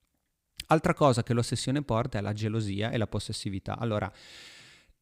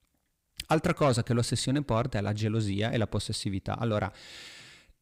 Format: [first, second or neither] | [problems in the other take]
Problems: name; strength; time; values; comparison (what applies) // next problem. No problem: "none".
first | distortion; slight; 10 dB below the speech